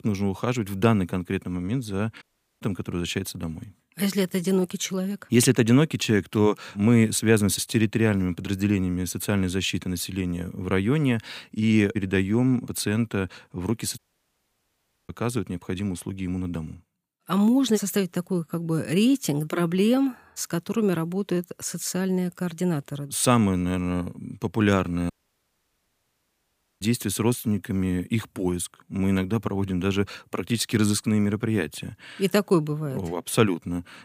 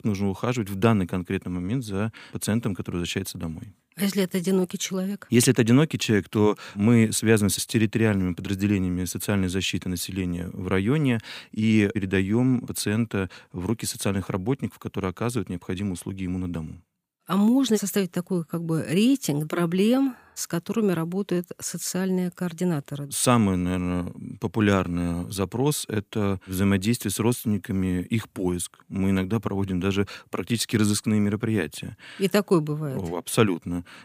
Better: second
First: audio cutting out; at 2 s, at 14 s for 1 s and at 25 s for 1.5 s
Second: none

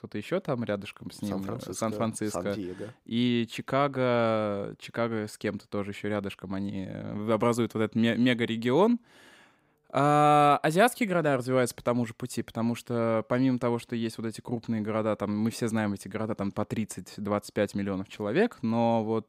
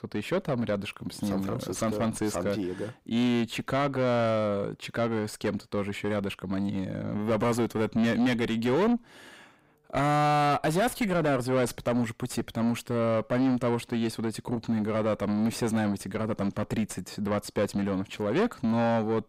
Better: first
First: none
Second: distortion; heavy; 5 dB below the speech

